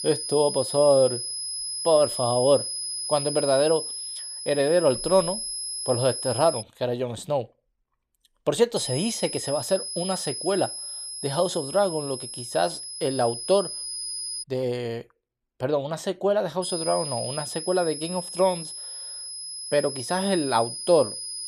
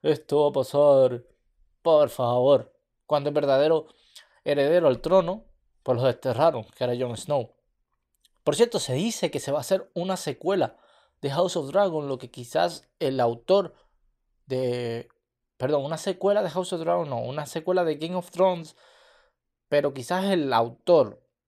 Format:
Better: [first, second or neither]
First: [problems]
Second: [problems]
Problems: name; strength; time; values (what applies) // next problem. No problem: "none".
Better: second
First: high-pitched whine; loud; until 6.5 s, from 9 to 14 s and from 17 s on; 5 kHz, 6 dB below the speech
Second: none